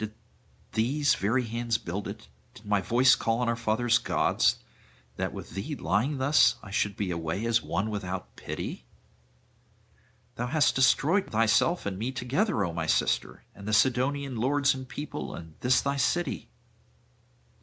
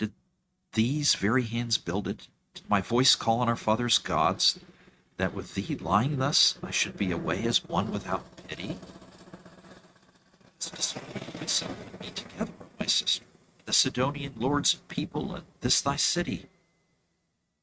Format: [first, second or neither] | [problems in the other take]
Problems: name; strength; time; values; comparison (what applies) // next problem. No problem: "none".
first | noise reduction (neural mask model RNNoise)